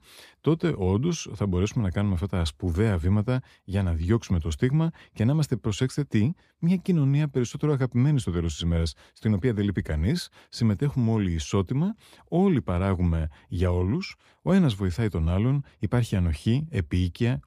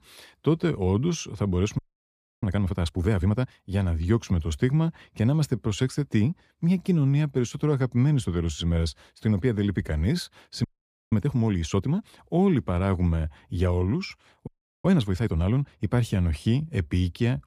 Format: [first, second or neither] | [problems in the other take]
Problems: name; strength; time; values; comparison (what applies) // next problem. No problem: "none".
first | audio freezing; at 2 s for 0.5 s, at 11 s and at 14 s